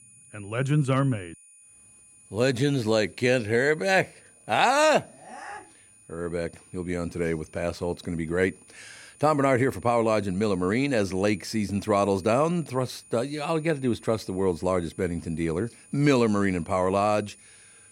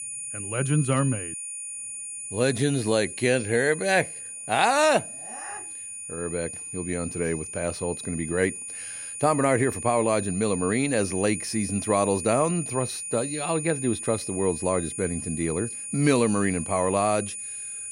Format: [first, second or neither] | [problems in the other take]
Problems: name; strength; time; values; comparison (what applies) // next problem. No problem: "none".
first | high-pitched whine; loud; throughout; 9.5 kHz, 7 dB below the speech; faint in the first